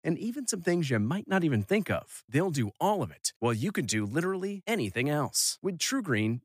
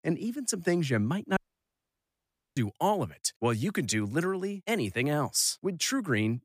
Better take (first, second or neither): first